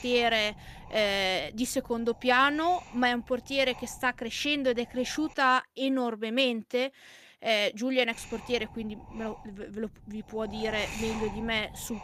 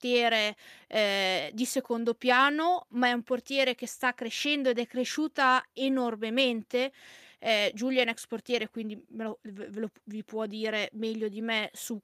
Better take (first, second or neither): second